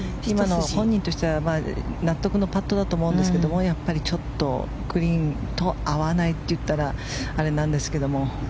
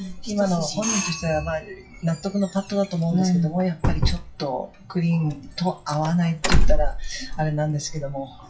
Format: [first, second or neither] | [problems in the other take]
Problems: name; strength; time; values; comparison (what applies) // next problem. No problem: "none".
first | noise reduction (classical method WPE with log-MMSE)